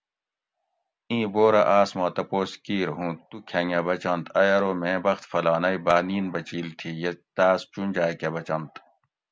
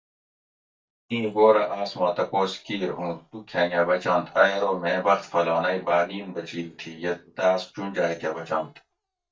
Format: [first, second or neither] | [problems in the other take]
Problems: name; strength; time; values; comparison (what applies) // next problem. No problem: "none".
first | noise reduction (neural mask model DeepFilterNet 3)